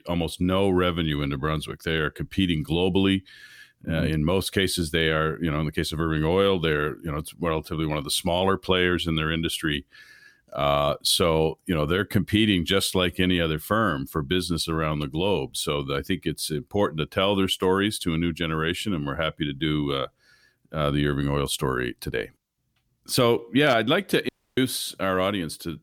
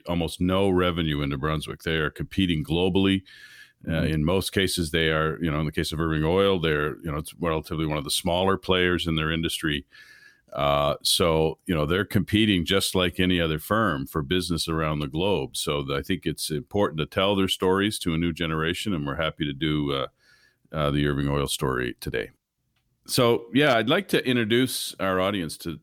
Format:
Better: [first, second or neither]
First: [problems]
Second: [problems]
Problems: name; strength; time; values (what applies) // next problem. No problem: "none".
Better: second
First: audio cutting out; at 24 s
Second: none